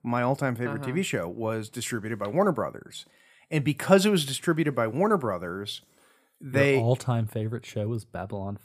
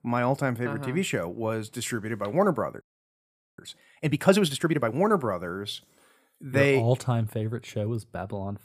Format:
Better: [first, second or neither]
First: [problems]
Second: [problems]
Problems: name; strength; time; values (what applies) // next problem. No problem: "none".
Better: first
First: none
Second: audio freezing; at 3 s for 1 s